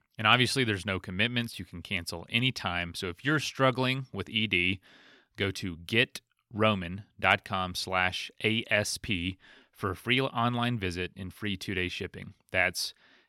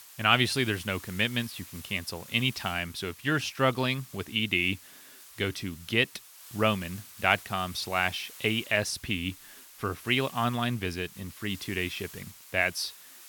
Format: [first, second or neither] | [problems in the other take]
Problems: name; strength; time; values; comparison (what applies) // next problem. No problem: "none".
first | hiss; noticeable; throughout; 15 dB below the speech